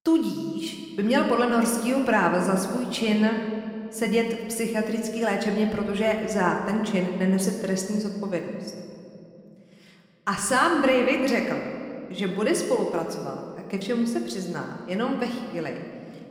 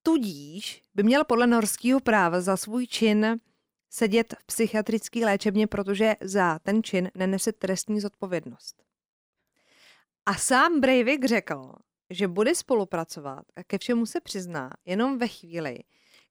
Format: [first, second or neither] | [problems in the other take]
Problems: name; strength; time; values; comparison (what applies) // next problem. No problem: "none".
second | room echo; slight; dies away in 2.2 s